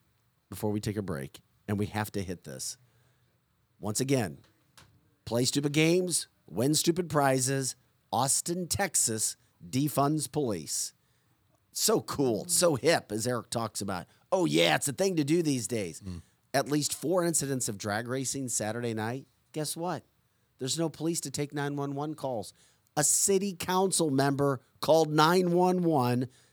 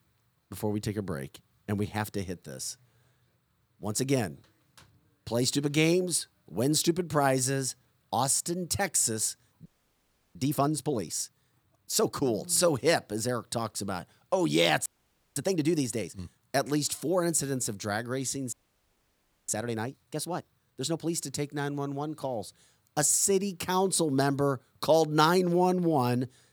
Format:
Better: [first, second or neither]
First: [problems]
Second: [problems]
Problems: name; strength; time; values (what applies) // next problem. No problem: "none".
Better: first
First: none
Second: audio freezing; at 9.5 s for 0.5 s, at 15 s for 0.5 s and at 19 s for 1 s